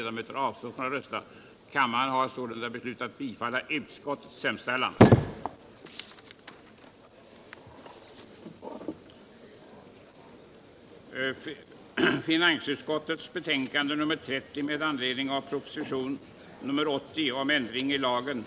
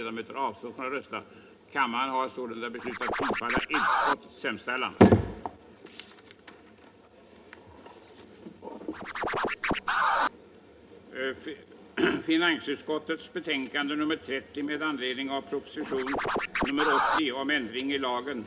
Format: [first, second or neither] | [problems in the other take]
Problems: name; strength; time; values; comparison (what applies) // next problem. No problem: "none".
first | background sound (Scratching (performance technique)); 2 dB above the speech // room echo; dies away in 0.3 s